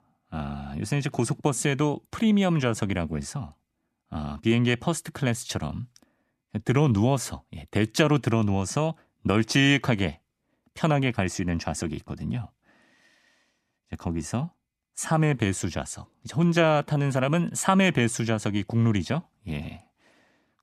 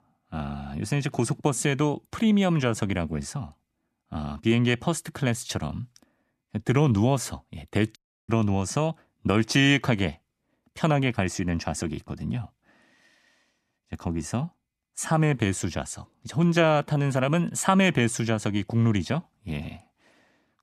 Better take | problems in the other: first | audio cutting out; at 8 s

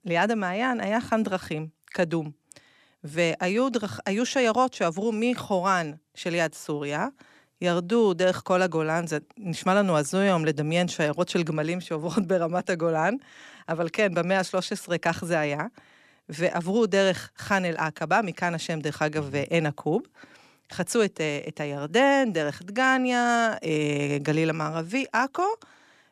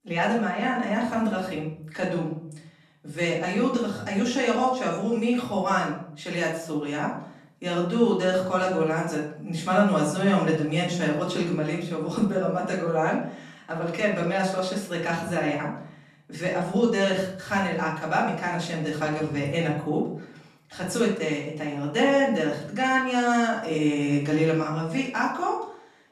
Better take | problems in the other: first | room echo; noticeable; dies away in 0.6 s // off-mic speech; far

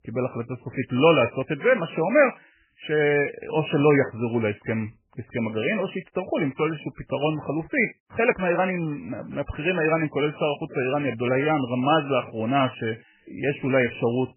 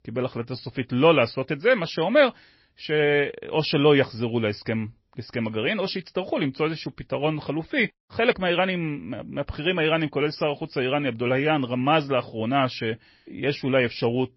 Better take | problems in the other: second | garbled, watery; badly; nothing above 3 kHz; slightly in the second

